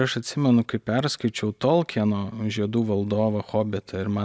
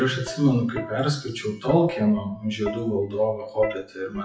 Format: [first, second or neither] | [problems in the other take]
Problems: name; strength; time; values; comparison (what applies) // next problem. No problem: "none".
first | noise reduction (classical method WPE with log-MMSE)